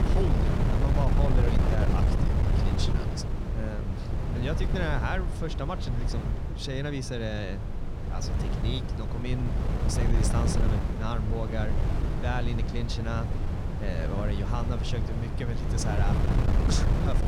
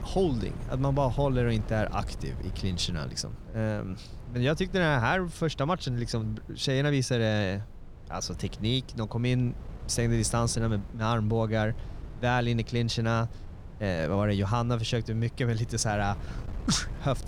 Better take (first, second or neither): second